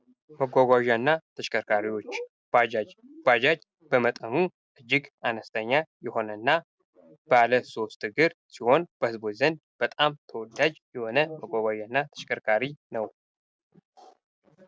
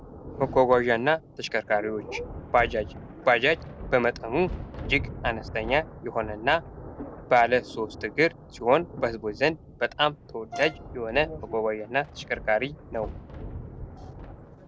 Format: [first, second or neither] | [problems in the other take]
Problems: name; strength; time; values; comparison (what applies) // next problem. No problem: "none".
first | background sound (Thunder + Brass instrument); 13 dB below the speech